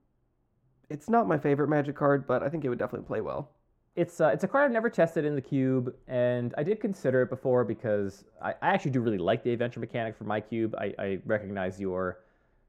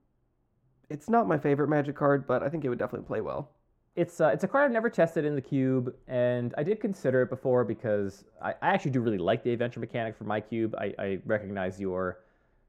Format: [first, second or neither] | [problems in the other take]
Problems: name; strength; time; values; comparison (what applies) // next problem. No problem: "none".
neither | muffled; very; fading above 2 kHz; the same in both